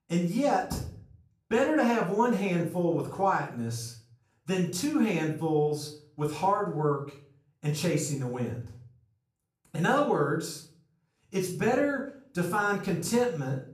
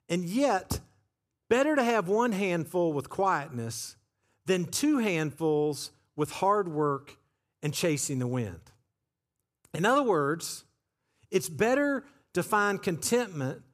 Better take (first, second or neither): second